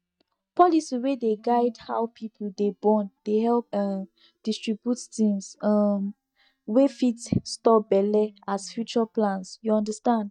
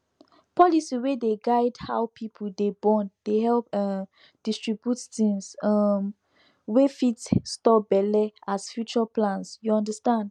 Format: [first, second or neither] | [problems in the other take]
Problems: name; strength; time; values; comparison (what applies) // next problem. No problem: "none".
second | noise reduction (neural mask model DeepFilterNet 3)